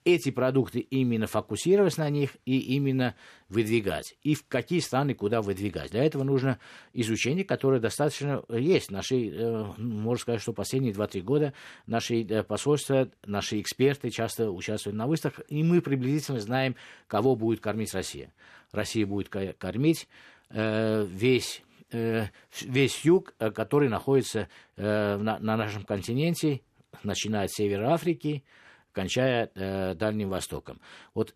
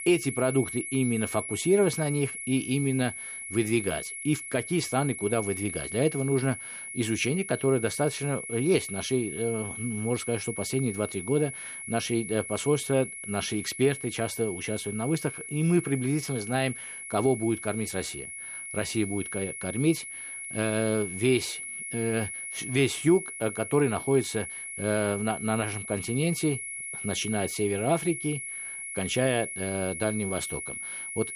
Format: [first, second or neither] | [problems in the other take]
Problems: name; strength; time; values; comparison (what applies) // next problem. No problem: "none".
first | high-pitched whine; loud; throughout; 2 kHz, 7 dB below the speech